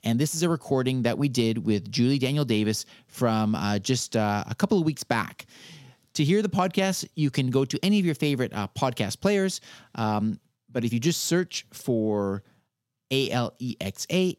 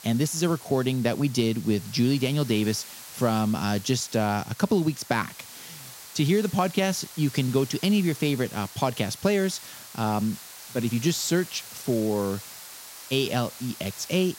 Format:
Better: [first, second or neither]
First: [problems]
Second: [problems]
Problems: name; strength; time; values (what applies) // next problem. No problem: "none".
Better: first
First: none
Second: hiss; noticeable; throughout; 15 dB below the speech